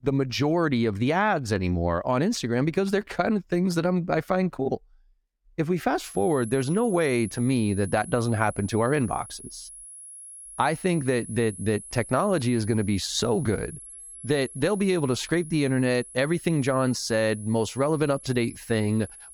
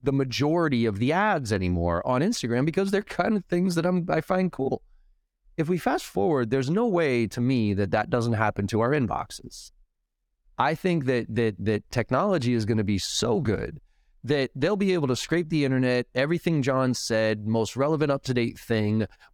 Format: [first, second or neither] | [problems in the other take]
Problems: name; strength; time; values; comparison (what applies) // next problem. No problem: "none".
second | high-pitched whine; noticeable; from 6 s on; 10.5 kHz, 15 dB below the speech